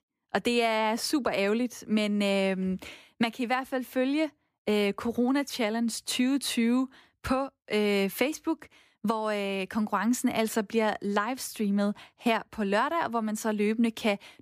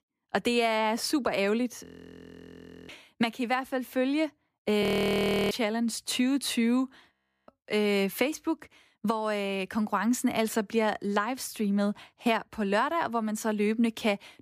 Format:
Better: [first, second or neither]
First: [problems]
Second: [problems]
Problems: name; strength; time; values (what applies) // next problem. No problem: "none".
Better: first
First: none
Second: audio freezing; at 2 s for 1 s, at 5 s for 0.5 s and at 7 s